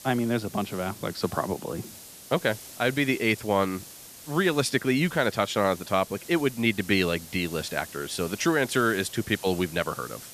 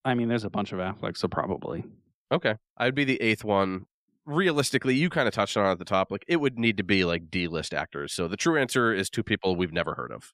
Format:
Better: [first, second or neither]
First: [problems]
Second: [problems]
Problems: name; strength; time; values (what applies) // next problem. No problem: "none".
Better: second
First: hiss; noticeable; throughout; 15 dB below the speech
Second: none